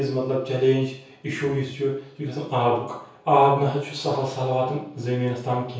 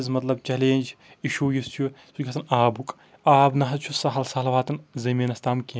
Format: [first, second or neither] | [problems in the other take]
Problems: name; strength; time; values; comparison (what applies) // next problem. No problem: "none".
second | room echo; dies away in 0.6 s